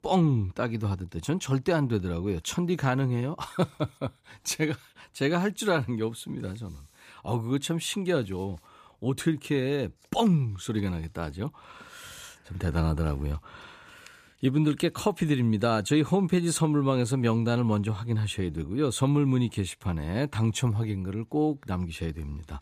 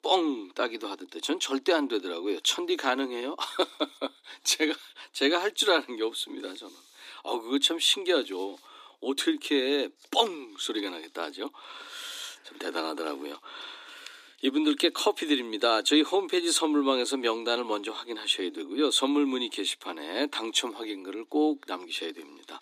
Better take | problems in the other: first | thin; somewhat; fading below 250 Hz

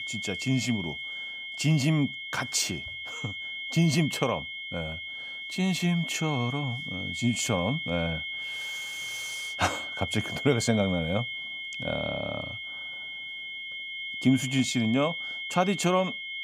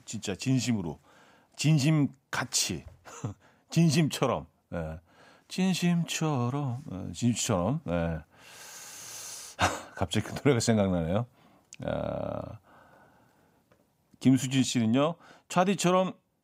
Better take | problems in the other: second | high-pitched whine; loud; throughout; 2 kHz, 5 dB below the speech

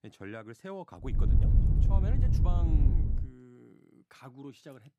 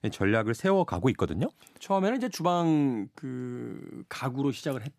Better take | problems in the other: second | wind noise on the microphone; heavy; from 1 to 3 s; 2 dB above the speech

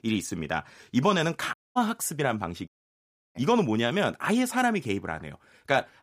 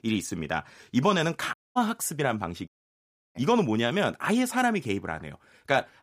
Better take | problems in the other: neither | audio cutting out; at 1.5 s and at 2.5 s for 0.5 s; the same in both

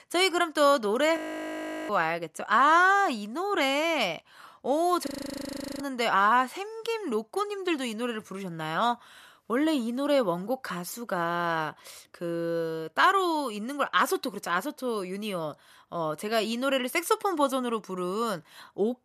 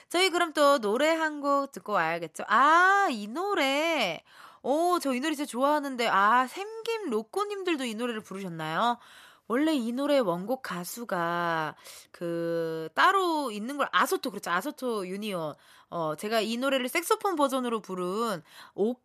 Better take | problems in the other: second | audio freezing; at 1 s for 0.5 s and at 5 s for 0.5 s

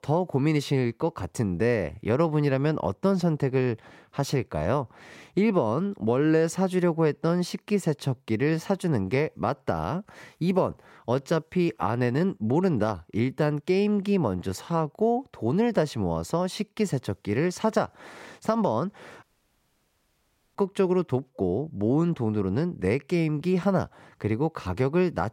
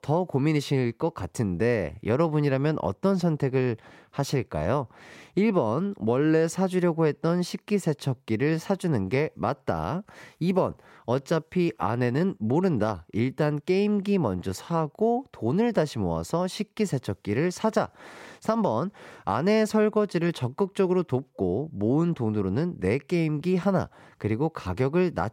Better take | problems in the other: second | audio cutting out; at 19 s for 1.5 s

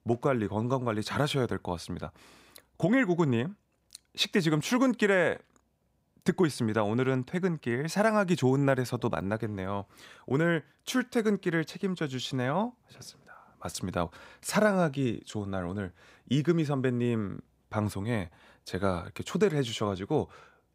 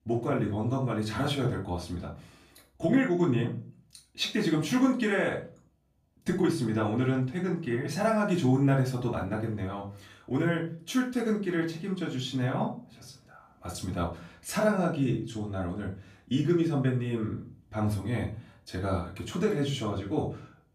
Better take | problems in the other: first | off-mic speech; far // room echo; slight; dies away in 0.4 s

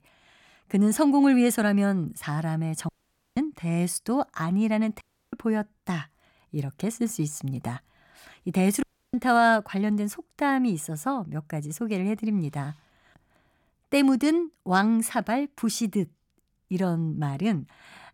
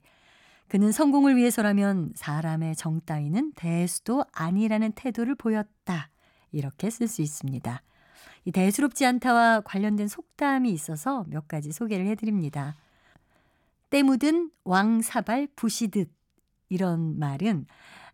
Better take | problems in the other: second | audio cutting out; at 3 s, at 5 s and at 9 s

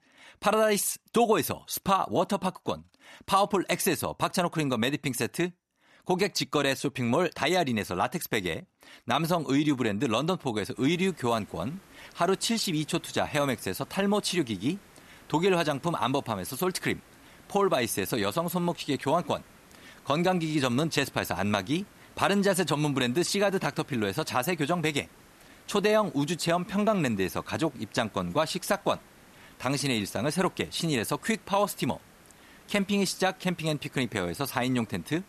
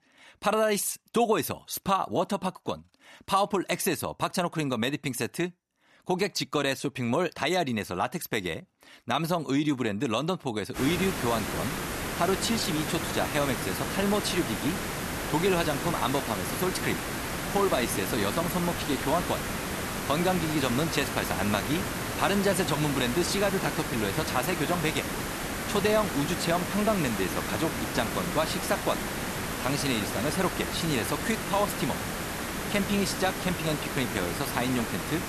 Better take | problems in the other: first | hiss; loud; from 11 s on; 3 dB below the speech; faint in the first

